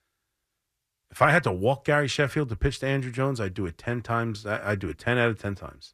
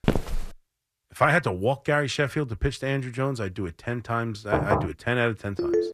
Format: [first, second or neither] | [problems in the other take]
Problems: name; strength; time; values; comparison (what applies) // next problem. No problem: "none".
first | footsteps; noticeable; at the start; peak 1 dB below the speech // door banging; loud; at 4.5 s; peak 1 dB above the speech // phone ringing; very faint; at 5.5 s; peak 1 dB above the speech